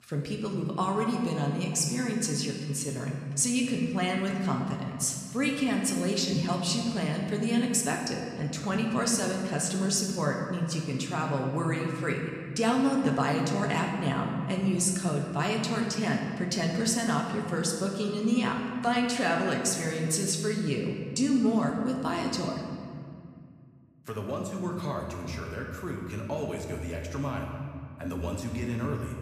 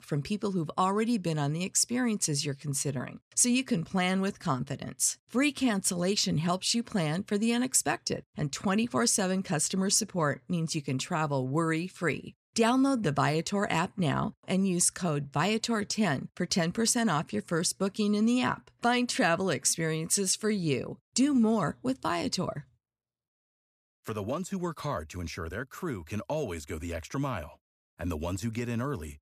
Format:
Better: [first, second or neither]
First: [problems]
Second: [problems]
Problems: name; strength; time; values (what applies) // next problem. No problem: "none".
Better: second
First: room echo; noticeable; dies away in 2 s // off-mic speech; somewhat distant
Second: none